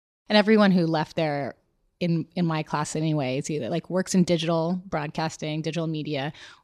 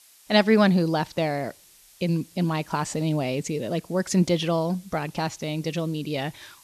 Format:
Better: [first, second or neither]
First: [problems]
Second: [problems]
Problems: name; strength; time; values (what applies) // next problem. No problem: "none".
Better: first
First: none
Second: hiss; faint; throughout; 25 dB below the speech